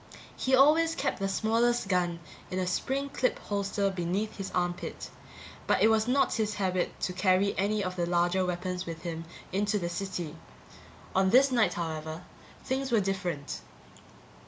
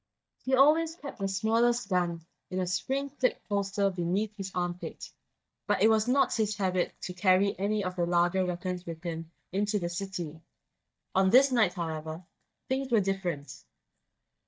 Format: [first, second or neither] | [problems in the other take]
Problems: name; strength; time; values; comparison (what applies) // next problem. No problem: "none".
first | noise reduction (neural mask model DeepFilterNet 3)